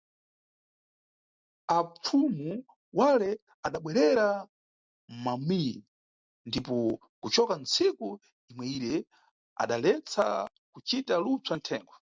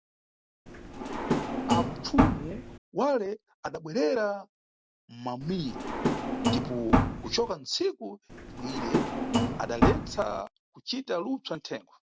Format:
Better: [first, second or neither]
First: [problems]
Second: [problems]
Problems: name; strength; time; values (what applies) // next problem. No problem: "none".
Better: first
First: none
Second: background sound (Drawer open or close); 4 dB above the speech